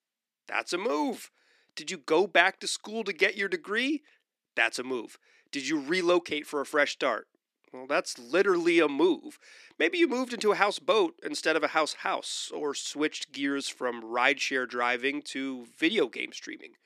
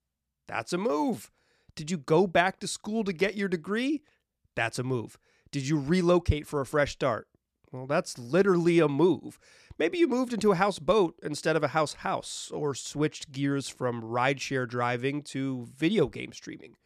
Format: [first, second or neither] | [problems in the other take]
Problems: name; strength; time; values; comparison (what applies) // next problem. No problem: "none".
second | thin; very slightly; fading below 300 Hz